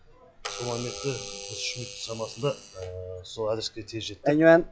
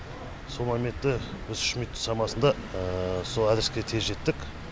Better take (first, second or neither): second